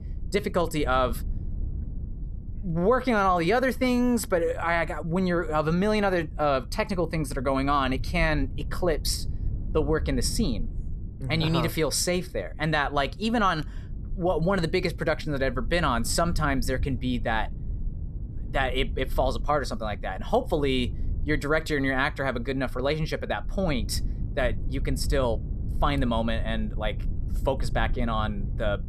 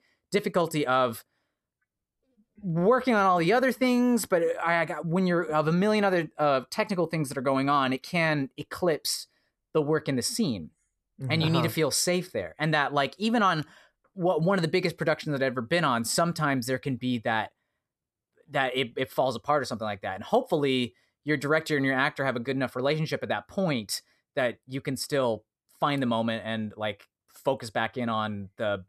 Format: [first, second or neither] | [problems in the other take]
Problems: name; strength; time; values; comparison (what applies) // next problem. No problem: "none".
second | low rumble; faint; throughout; 25 dB below the speech